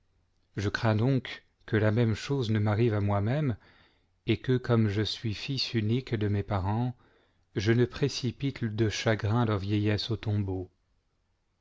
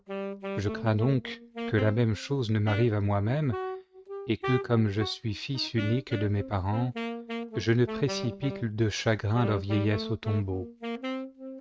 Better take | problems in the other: first | noise reduction (neural mask model RNNoise)

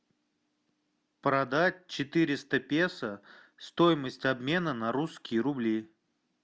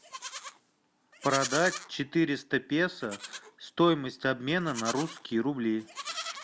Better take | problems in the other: first | background sound (Livestock, farm animals, working animals); 11 dB below the speech

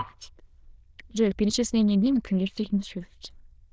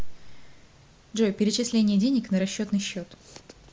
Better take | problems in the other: second | noise reduction (neural diffusion model UNIVERSE++)

